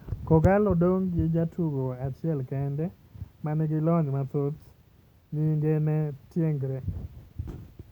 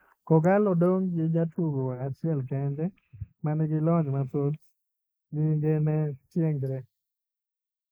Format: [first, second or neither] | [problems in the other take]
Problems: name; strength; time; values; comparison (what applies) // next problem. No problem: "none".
first | noise reduction (neural mask model Resemble Enhance denoiser)